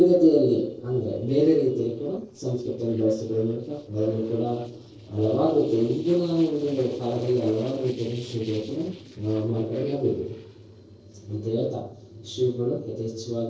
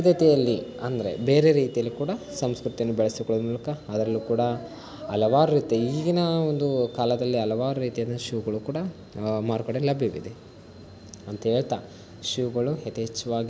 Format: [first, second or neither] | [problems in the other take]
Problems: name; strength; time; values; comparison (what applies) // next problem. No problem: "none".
second | noise reduction (neural separator model SepFormer DNS4)